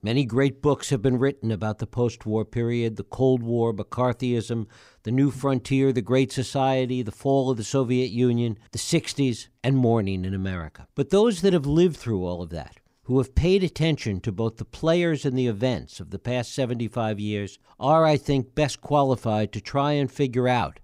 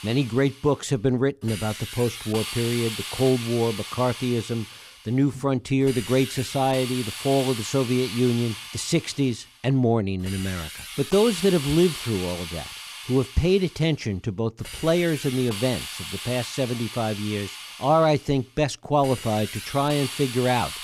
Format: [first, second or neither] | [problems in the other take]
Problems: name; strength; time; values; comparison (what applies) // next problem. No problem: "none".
first | hiss; loud; throughout; 9 dB below the speech